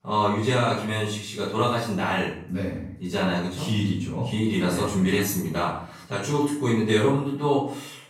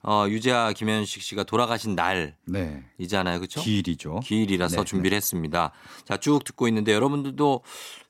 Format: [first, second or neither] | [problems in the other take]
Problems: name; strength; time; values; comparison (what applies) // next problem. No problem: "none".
second | room echo; noticeable; dies away in 0.5 s // off-mic speech; far